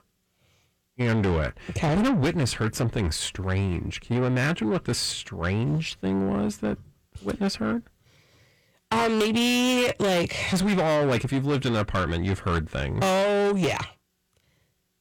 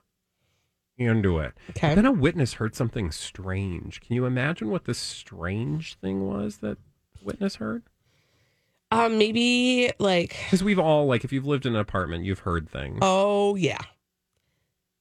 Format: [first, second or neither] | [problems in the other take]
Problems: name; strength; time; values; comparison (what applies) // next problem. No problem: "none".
second | distortion; heavy; 7 dB below the speech